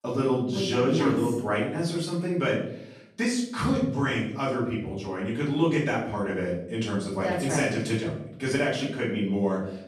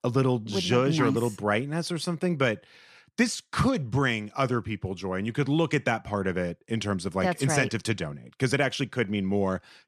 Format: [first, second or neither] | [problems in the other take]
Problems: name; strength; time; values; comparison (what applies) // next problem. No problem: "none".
second | off-mic speech; far // room echo; noticeable; dies away in 0.6 s